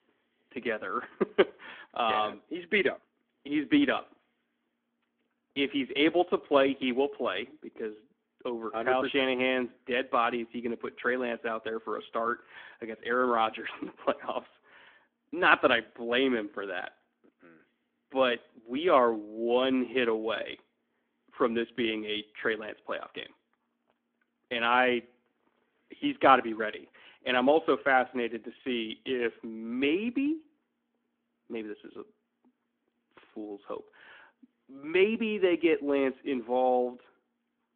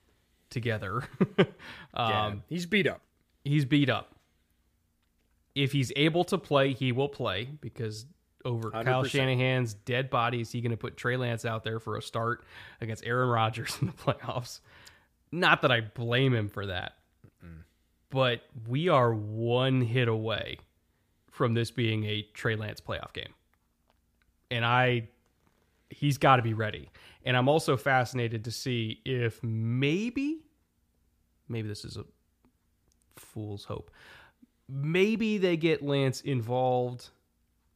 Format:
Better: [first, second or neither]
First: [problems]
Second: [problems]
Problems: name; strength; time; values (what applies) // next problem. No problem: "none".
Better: second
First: phone-call audio; nothing above 3.5 kHz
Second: none